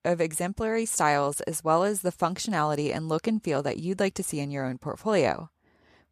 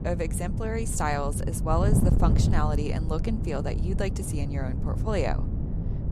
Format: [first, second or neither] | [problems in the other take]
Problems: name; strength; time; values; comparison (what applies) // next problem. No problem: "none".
first | wind noise on the microphone; heavy; 7 dB below the speech